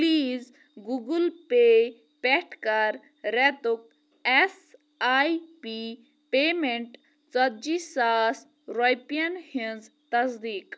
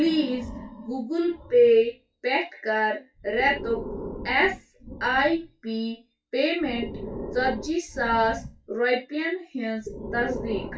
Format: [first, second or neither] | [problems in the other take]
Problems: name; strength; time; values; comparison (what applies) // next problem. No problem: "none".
first | noise reduction (classical method WPE with log-MMSE)